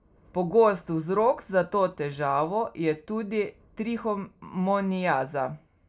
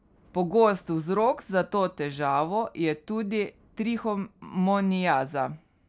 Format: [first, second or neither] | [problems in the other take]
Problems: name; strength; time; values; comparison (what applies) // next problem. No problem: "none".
second | room echo; dies away in 0.2 s